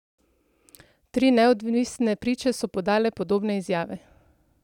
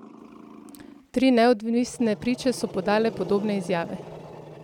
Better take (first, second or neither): first